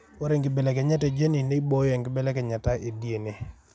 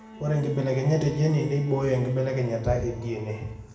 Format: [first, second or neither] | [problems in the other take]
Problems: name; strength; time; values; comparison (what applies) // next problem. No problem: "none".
first | background sound (Bowed string instrument); 19 dB below the speech // room echo; dies away in 1 s